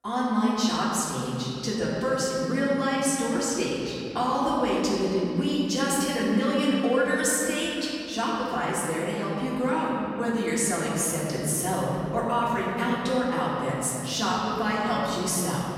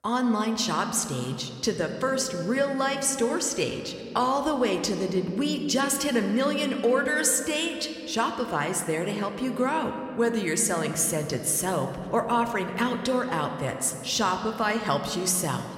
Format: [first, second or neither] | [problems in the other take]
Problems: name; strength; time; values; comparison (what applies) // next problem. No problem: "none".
second | room echo; strong; dies away in 3 s; slight in the second // off-mic speech; far